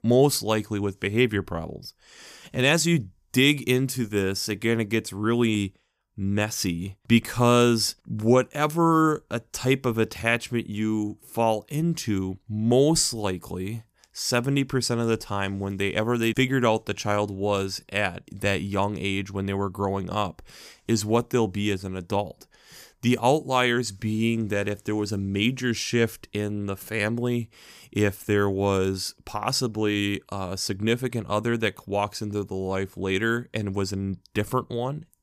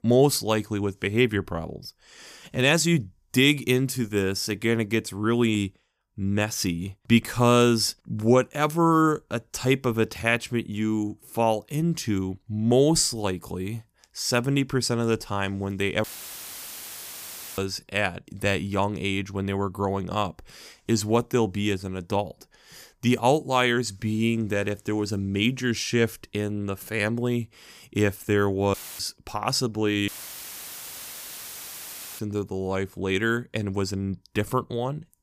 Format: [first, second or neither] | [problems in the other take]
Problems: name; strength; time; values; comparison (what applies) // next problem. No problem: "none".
first | audio cutting out; filled with static; at 16 s for 1.5 s, at 29 s and at 30 s for 2 s